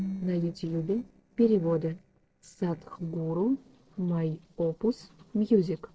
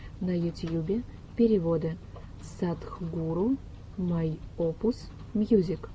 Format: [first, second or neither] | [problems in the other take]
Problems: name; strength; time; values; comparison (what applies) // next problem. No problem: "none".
second | noise reduction (neural separator model SepFormer DNS4)